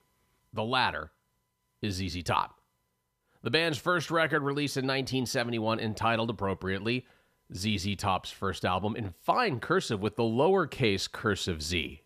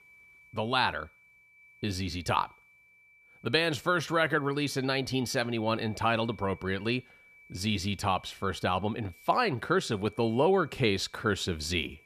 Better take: first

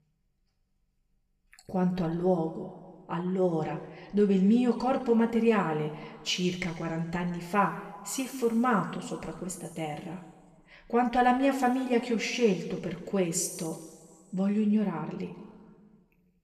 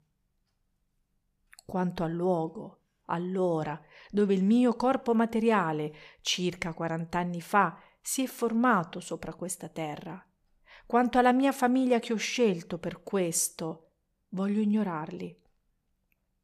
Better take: second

